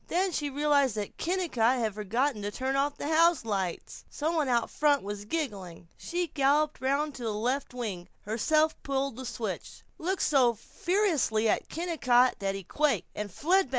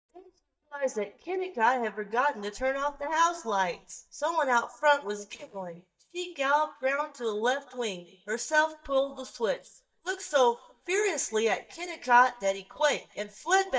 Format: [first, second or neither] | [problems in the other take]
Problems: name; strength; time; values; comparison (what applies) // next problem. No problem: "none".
first | noise reduction (neural mask model DeepFilterNet 3)